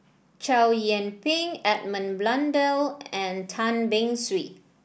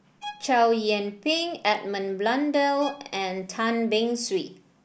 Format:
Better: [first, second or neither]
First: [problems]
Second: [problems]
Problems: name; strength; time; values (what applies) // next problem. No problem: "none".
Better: first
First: none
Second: background sound (Bowed string instrument); 20 dB below the speech